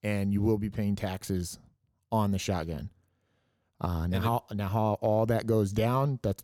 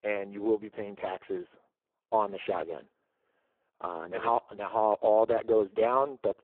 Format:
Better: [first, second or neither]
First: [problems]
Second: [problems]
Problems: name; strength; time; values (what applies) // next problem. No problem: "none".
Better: first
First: none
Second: phone-call audio; poor line